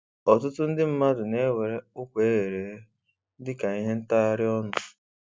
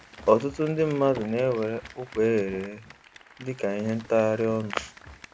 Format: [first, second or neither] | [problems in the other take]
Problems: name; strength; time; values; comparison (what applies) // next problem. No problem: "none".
first | background sound (Run + Applause); 19 dB below the speech